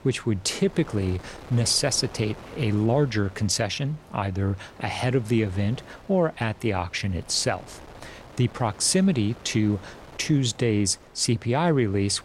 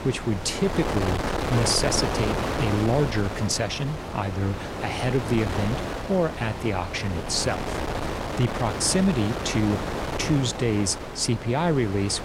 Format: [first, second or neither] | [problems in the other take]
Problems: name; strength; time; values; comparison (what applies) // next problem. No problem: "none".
first | wind noise on the microphone; heavy; 2 dB below the speech; occasional gusts in the first